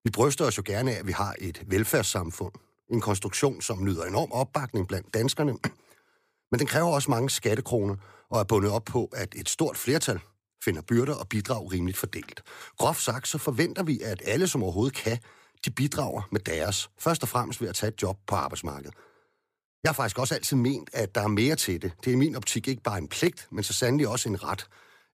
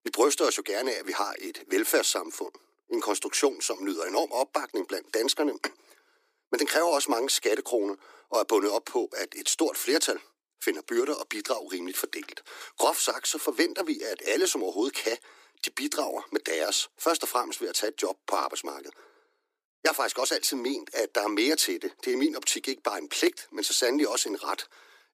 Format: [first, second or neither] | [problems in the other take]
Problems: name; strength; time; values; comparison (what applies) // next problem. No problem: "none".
first | thin; somewhat; fading below 300 Hz